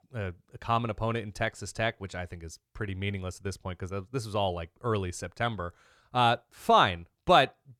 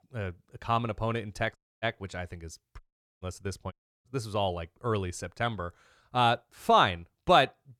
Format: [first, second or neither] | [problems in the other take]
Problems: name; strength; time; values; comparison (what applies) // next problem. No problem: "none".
first | audio cutting out; at 1.5 s, at 3 s and at 3.5 s